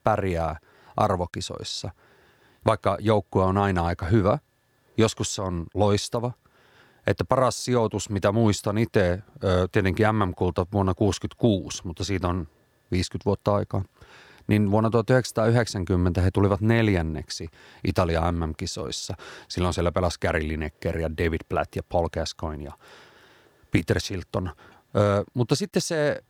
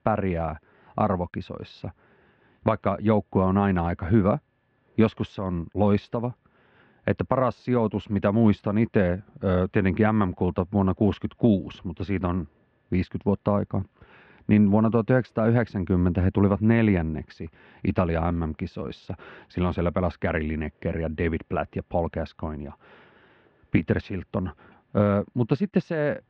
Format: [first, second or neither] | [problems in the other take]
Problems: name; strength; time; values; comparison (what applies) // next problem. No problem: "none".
first | muffled; very; fading above 2.5 kHz